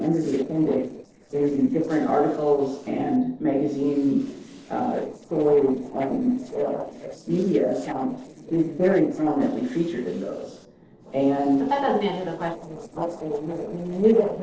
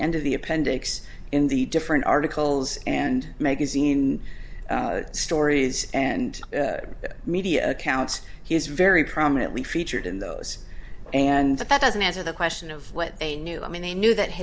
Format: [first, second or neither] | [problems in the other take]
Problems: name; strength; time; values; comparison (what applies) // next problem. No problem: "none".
second | noise reduction (neural separator model SepFormer DNS4)